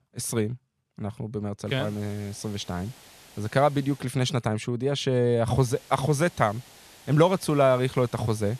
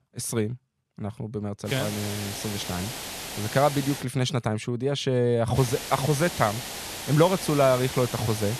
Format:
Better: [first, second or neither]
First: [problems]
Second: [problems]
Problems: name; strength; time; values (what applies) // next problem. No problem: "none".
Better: first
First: hiss; faint; from 1.5 to 4 s and from 5.5 s on; 25 dB below the speech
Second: hiss; loud; from 1.5 to 4 s and from 5.5 s on; 8 dB below the speech